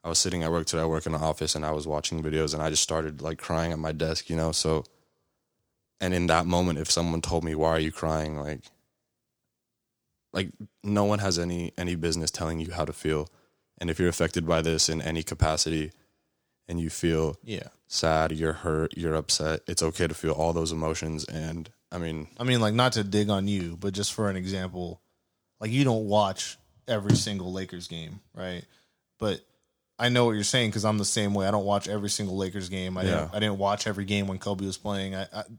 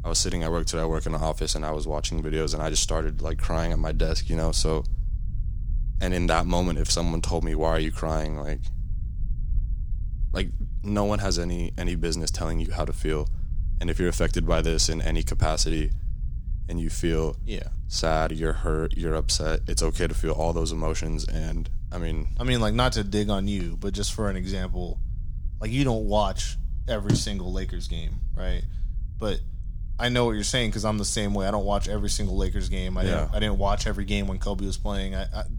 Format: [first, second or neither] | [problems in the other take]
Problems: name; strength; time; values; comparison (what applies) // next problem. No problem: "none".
first | low rumble; faint; throughout; 25 dB below the speech